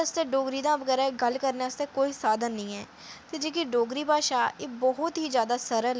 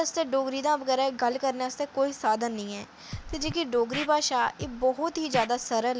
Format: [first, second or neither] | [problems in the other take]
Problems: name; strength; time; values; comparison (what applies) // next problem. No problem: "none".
first | background sound (Scratching (performance technique)); 12 dB below the speech